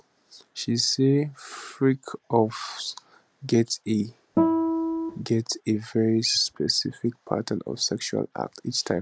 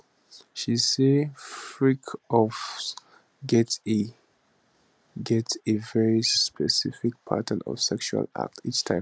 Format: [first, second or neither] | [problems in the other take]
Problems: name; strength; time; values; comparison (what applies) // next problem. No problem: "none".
second | background sound (Guitar); 3 dB above the speech